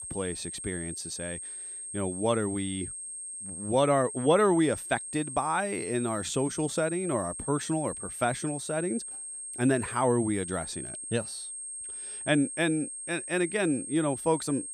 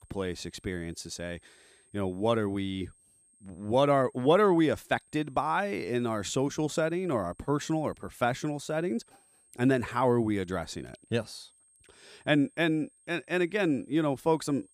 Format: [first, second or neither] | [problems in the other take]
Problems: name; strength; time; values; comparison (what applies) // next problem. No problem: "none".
second | high-pitched whine; loud; throughout; 8.5 kHz, 7 dB below the speech; faint in the second